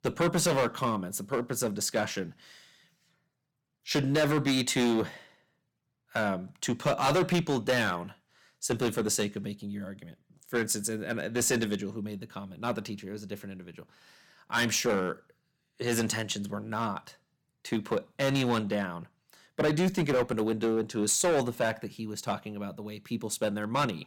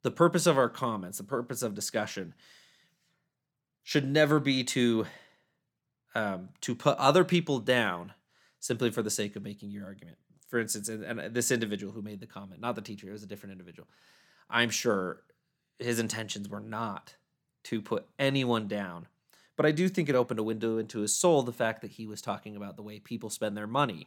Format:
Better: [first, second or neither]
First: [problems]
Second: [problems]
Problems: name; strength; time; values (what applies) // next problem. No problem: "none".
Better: second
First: distortion; heavy; 6% of the sound clipped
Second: none